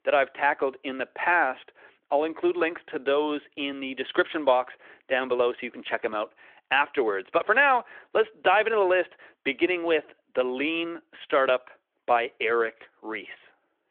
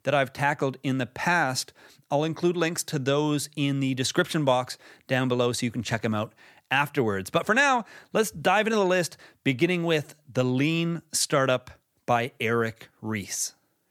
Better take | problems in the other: second | phone-call audio; nothing above 3.5 kHz

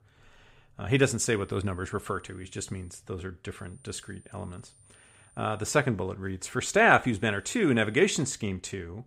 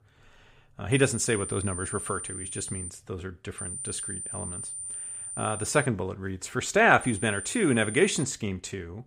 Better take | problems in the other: first | high-pitched whine; loud; from 1 to 3 s, from 3.5 to 6 s and from 7 to 8 s; 9 kHz, 8 dB below the speech; faint in the first

